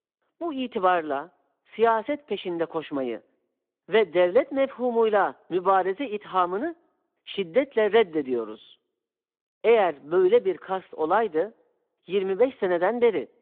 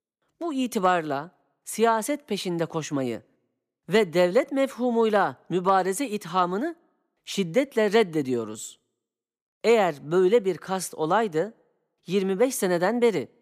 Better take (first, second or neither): second